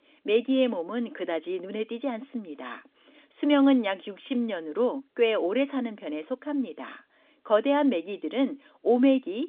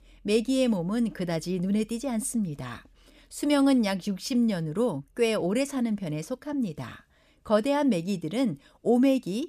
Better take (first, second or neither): second